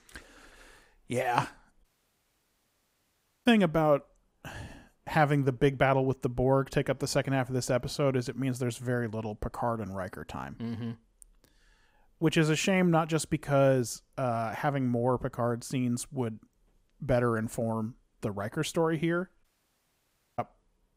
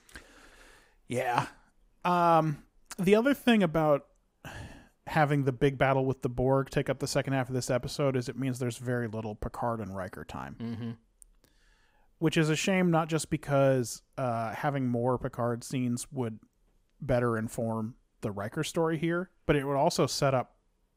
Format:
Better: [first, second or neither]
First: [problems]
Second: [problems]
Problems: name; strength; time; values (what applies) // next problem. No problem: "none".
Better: second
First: audio cutting out; at 2 s for 1.5 s and at 19 s for 1 s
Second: none